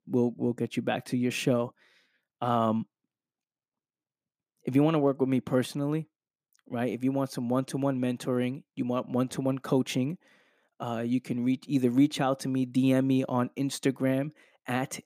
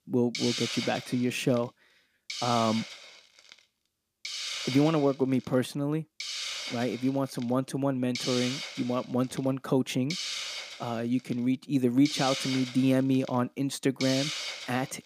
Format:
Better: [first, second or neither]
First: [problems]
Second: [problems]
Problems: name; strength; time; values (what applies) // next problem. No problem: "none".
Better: first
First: none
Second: hiss; loud; throughout; 6 dB below the speech